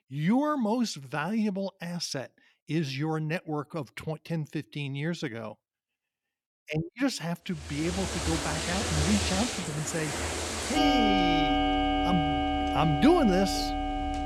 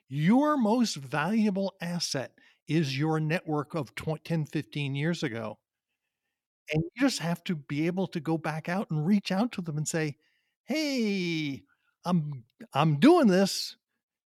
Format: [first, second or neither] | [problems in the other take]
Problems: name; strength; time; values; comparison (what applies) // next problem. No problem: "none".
second | household noises; very loud; from 8 s on; 2 dB above the speech